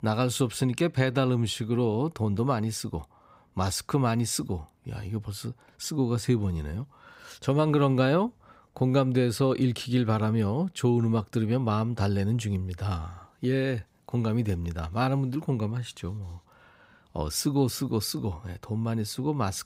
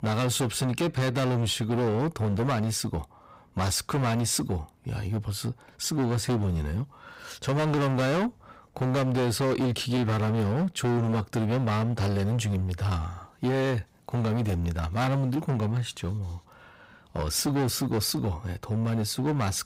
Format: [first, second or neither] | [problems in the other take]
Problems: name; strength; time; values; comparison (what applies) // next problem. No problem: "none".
first | distortion; heavy; 23% of the sound clipped